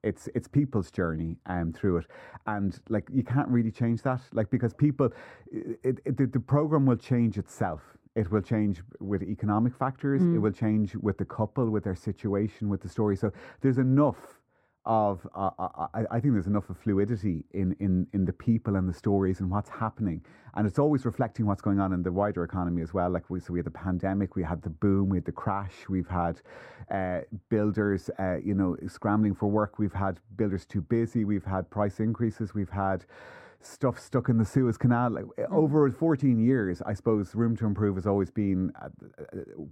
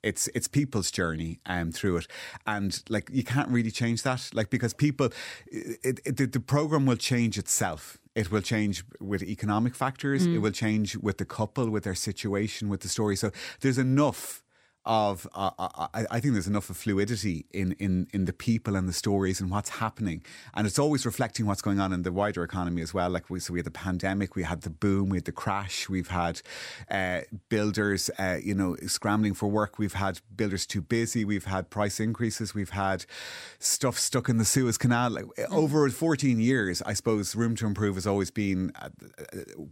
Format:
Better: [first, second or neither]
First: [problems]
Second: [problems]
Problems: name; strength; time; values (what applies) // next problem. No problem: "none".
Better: second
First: muffled; very; fading above 2 kHz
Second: none